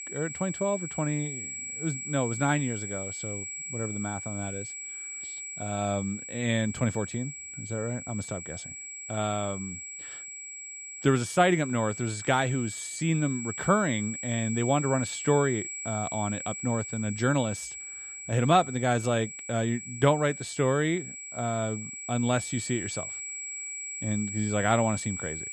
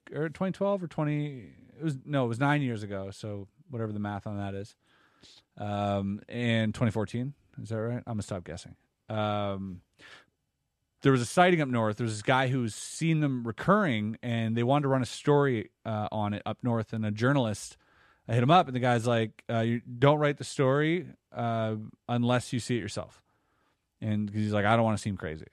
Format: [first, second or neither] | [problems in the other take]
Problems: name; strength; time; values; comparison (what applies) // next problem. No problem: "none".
second | high-pitched whine; loud; throughout; 7.5 kHz, 7 dB below the speech